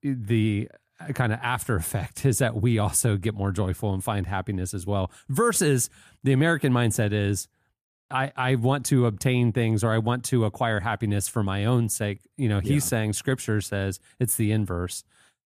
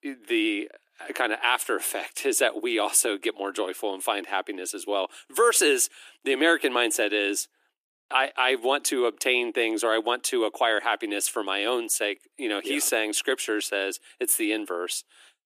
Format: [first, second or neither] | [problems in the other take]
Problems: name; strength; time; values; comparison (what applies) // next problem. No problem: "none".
first | thin; very; fading below 300 Hz